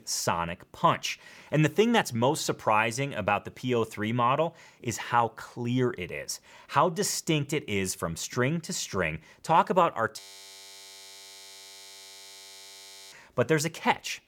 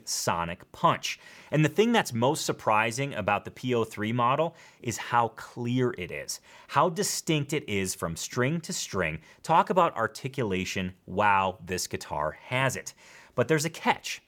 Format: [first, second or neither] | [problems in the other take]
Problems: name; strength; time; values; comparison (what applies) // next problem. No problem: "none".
second | audio freezing; at 10 s for 3 s